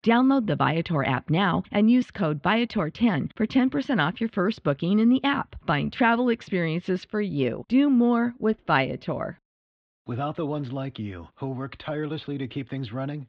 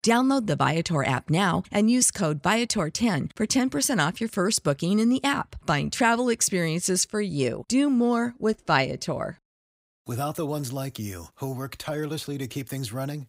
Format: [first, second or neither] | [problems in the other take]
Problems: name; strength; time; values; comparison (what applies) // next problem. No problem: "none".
second | muffled; very; fading above 3.5 kHz